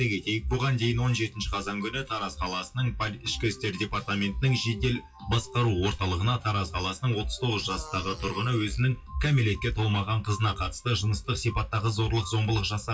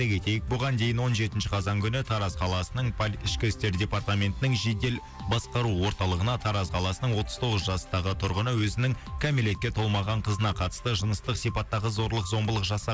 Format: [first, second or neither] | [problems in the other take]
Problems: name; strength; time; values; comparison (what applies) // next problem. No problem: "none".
second | noise reduction (classical method WPE with log-MMSE)